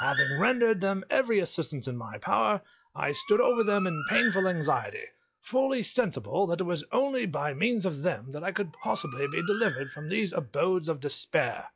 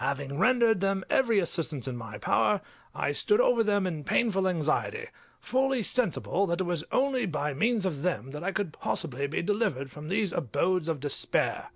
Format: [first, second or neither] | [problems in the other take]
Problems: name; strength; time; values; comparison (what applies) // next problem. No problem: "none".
second | noise reduction (classical method log-MMSE)